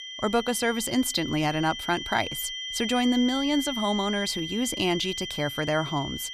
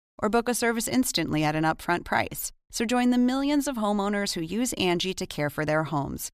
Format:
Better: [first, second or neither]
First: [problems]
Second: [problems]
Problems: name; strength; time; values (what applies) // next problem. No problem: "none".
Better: second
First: high-pitched whine; loud; throughout; 3 kHz, 6 dB below the speech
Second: none